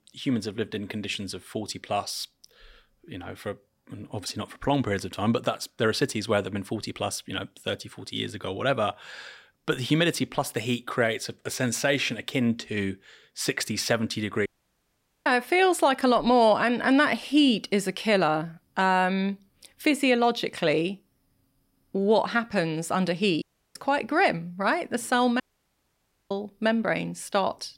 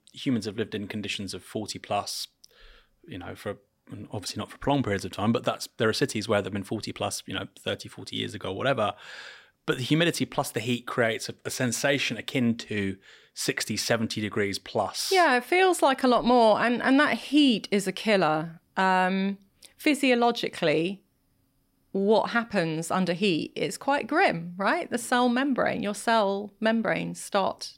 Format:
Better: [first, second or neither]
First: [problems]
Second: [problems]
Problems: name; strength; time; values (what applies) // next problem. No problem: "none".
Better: second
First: audio cutting out; at 14 s for 1 s, at 23 s and at 25 s for 1 s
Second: none